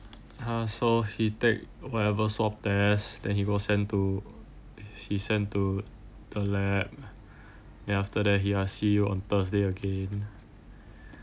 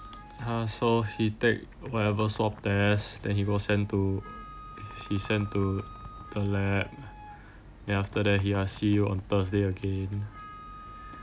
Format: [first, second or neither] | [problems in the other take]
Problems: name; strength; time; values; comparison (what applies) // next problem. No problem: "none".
first | background sound (Wind instrument, woodwind instrument + Bird); 19 dB below the speech